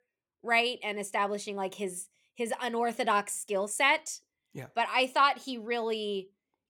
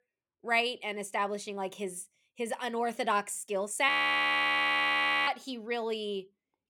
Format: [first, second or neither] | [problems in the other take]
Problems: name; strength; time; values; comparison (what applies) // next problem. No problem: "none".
first | audio freezing; at 4 s for 1.5 s